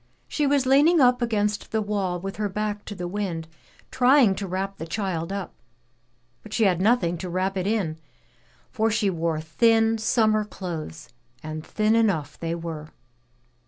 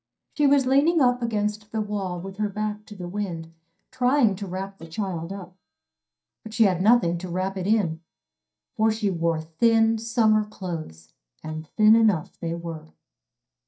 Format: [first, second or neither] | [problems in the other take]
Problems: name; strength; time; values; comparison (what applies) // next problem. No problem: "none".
first | noise reduction (neural mask model DeepFilterNet 3)